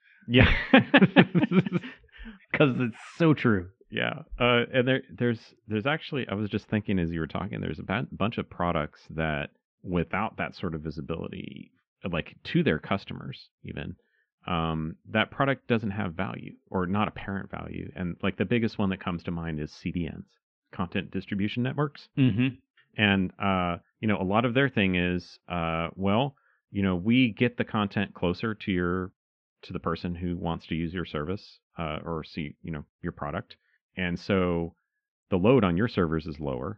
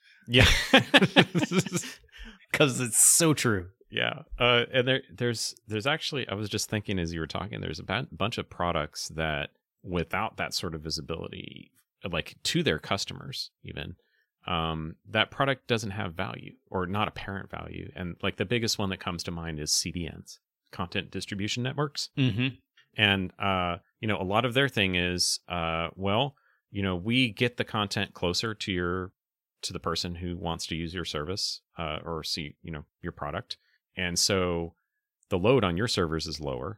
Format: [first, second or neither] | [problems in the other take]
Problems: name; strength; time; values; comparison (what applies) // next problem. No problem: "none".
second | muffled; very; fading above 2.5 kHz